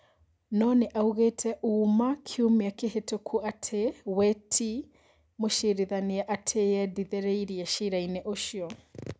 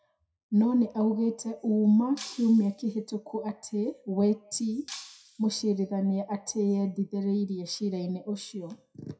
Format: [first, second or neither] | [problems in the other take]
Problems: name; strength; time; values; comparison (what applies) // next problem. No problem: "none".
first | noise reduction (classical method WPE with log-MMSE)